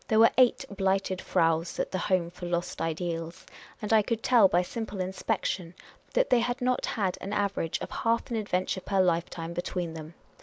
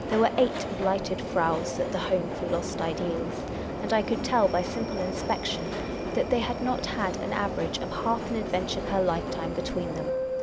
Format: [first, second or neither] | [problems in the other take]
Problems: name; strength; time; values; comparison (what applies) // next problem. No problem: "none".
first | background sound (Subway, metro, underground); 3 dB below the speech